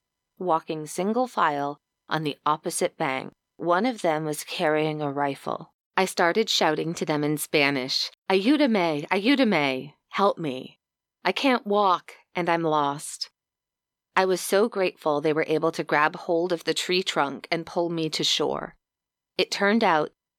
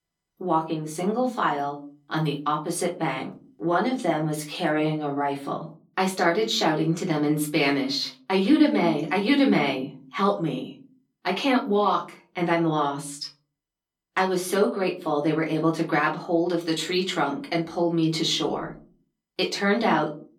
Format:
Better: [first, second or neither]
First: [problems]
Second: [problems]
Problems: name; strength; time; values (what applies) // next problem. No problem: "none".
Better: first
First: none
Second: off-mic speech; far // room echo; very slight; dies away in 0.3 s